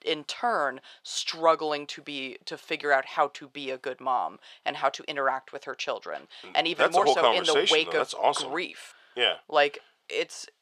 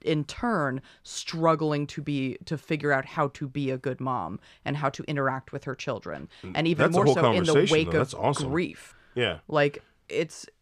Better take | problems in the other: second | thin; very; fading below 600 Hz

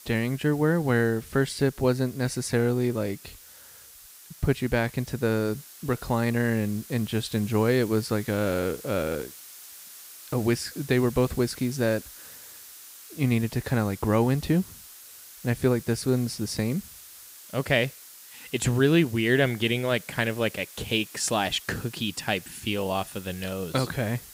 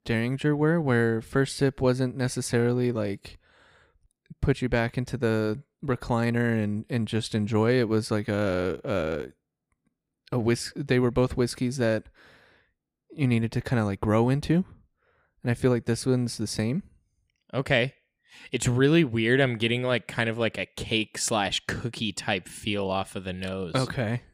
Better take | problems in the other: second | hiss; noticeable; throughout; 15 dB below the speech

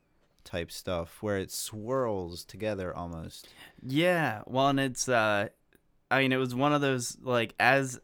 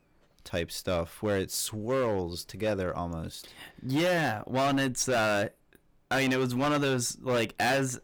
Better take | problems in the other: first | distortion; heavy; 12% of the sound clipped

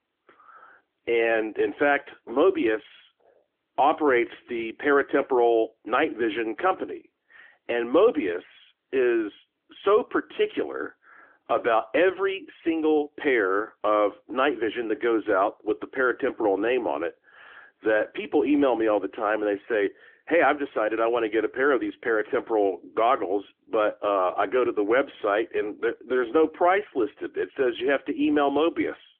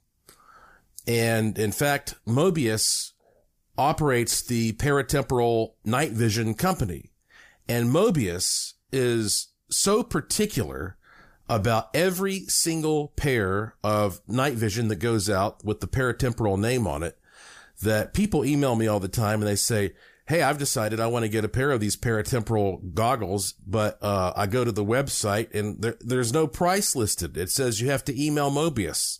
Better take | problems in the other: second | phone-call audio; nothing above 3.5 kHz

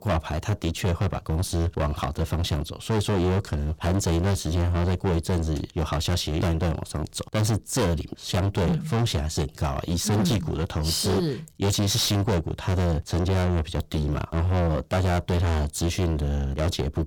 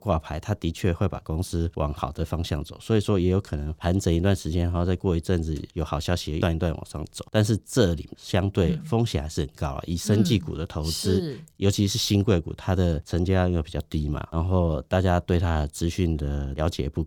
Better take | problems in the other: second | distortion; heavy; 22% of the sound clipped

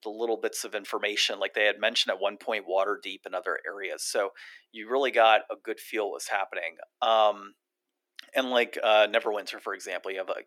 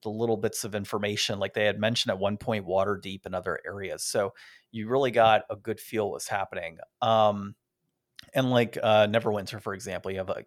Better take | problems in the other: second | thin; somewhat; fading below 300 Hz

